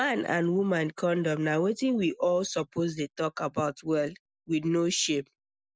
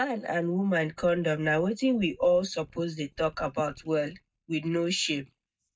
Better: first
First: none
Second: noise reduction (neural mask model DeepFilterNet 3)

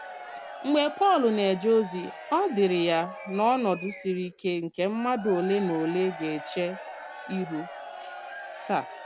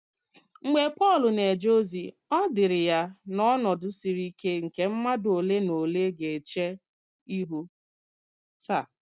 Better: second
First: background sound (Crowd / Cheering); 13 dB below the speech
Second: none

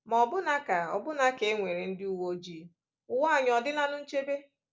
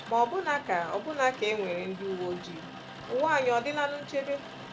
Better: first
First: none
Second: background sound (Rain); 13 dB below the speech

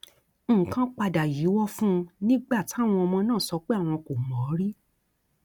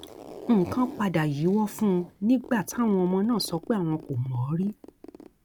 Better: first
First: none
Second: background sound (Zipper (clothing)); 19 dB below the speech

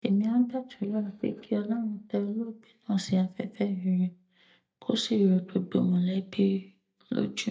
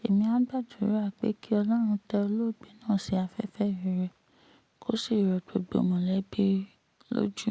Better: second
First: noise reduction (neural mask model DeepFilterNet 3)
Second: none

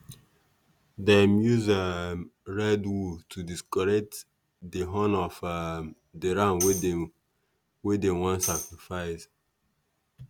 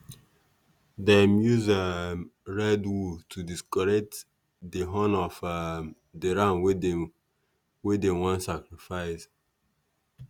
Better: second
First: background sound (Tambourine); 9 dB below the speech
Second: none

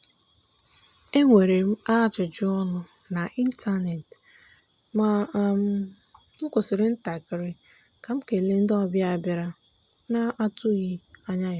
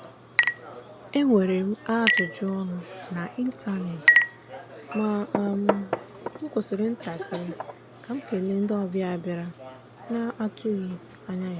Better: first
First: none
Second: background sound (Chink, clink); 2 dB below the speech

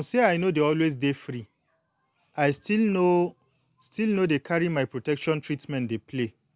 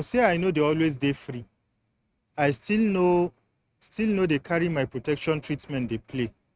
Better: first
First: none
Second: noise reduction (neural mask model RNNoise)

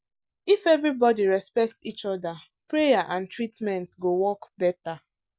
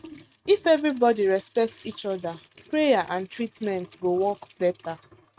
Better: first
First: none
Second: noise reduction (neural mask model RNNoise)

